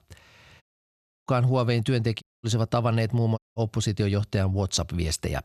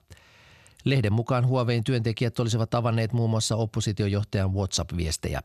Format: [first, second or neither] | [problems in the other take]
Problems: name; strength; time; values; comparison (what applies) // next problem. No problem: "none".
second | audio cutting out; at 0.5 s for 0.5 s, at 2 s and at 3.5 s